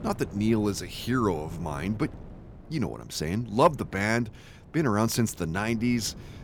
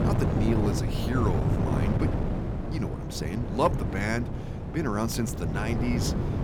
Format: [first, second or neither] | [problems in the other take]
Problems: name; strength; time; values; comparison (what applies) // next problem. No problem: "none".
first | wind noise on the microphone; heavy; 3 dB below the speech; occasional gusts in the first